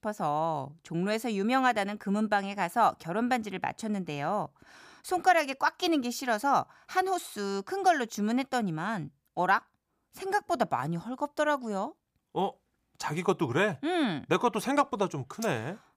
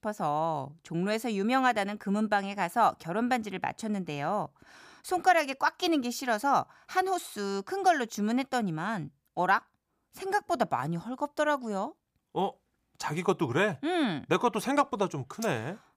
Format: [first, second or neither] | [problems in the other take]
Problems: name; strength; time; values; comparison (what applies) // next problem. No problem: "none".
neither | none